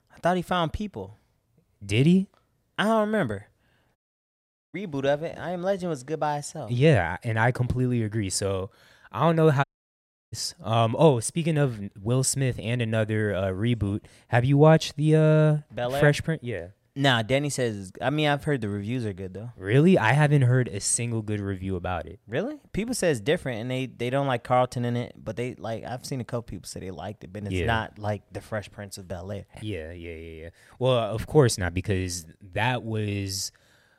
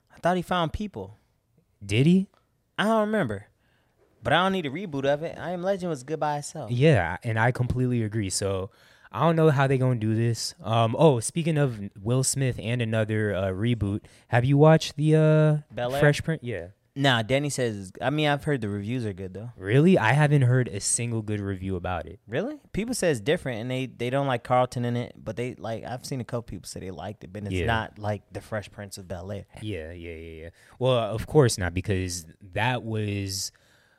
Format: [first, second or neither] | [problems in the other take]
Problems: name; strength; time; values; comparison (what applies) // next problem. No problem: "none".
second | audio cutting out; at 4 s for 1 s and at 9.5 s for 0.5 s